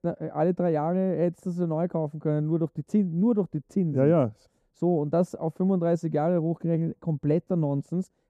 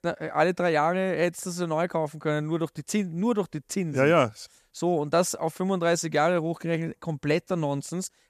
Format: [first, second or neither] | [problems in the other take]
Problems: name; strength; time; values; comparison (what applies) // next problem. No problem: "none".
second | muffled; very; fading above 1 kHz